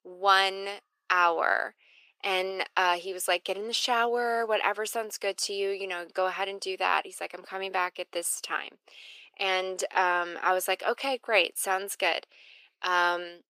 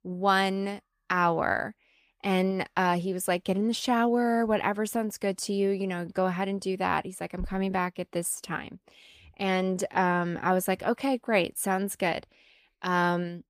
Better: second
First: thin; very; fading below 400 Hz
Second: none

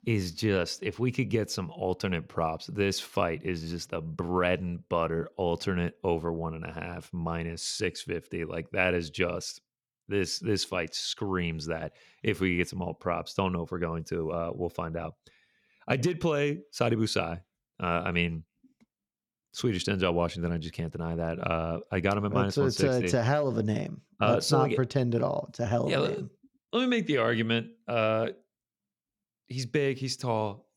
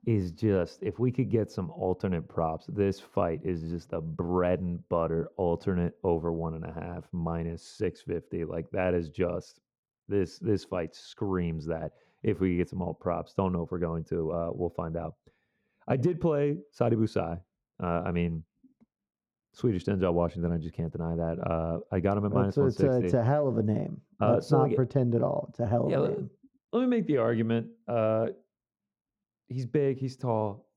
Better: first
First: none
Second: muffled; very; fading above 1.5 kHz

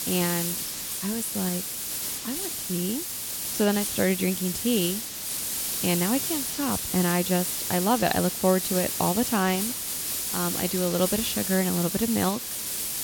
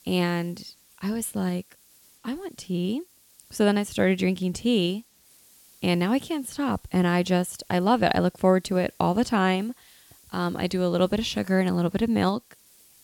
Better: second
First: hiss; loud; throughout; 1 dB below the speech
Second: hiss; faint; throughout; 30 dB below the speech

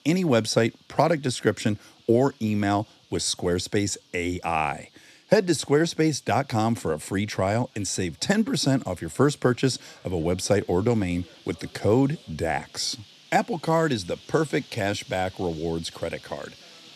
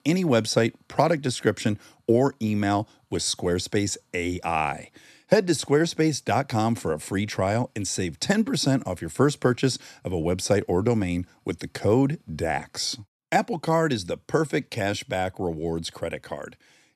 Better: second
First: animal sounds; faint; throughout; 25 dB below the speech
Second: none

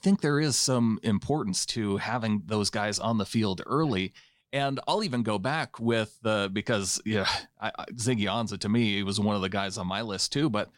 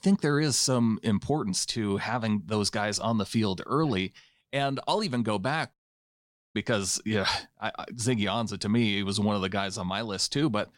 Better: first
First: none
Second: audio cutting out; at 5.5 s for 1 s

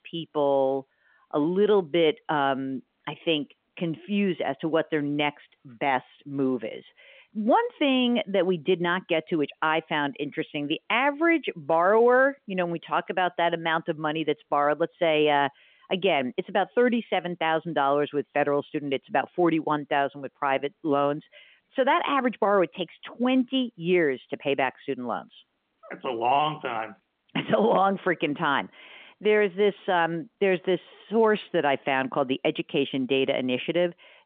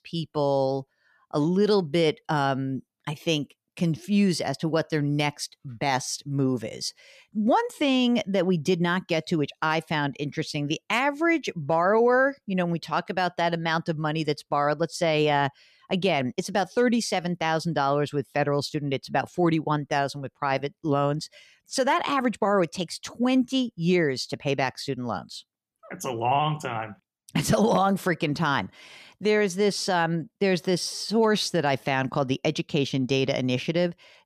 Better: second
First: phone-call audio; nothing above 3.5 kHz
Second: none

